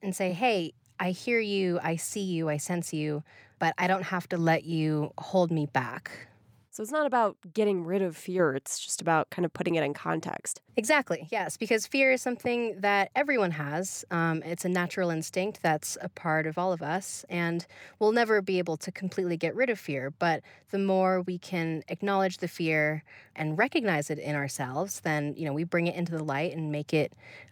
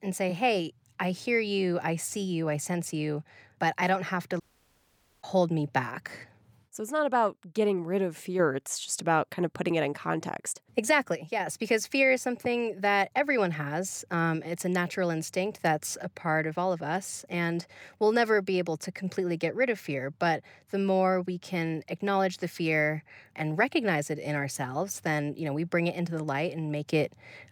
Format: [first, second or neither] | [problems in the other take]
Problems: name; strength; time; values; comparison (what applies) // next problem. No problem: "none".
first | audio cutting out; at 4.5 s for 1 s